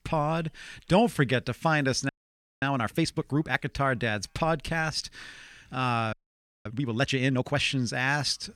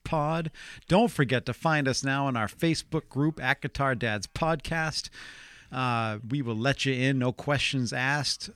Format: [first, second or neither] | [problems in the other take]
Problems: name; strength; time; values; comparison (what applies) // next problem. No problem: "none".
second | audio freezing; at 2 s for 0.5 s and at 6 s for 0.5 s